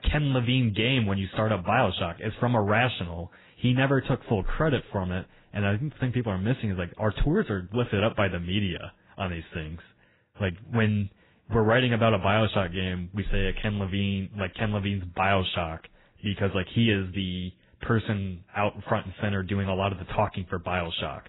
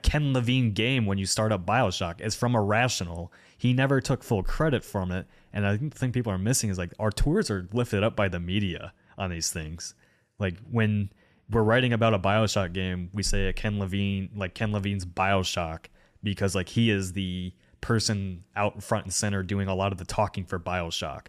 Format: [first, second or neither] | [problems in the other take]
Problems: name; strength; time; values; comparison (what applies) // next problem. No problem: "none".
second | garbled, watery; badly; nothing above 3.5 kHz